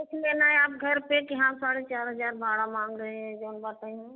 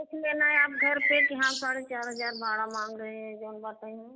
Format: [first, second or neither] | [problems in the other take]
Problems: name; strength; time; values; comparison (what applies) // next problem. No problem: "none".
first | background sound (Bird); 1 dB below the speech